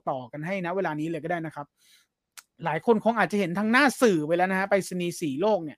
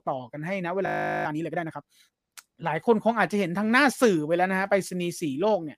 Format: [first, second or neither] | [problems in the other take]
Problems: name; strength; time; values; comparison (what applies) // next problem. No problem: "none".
first | audio freezing; at 1 s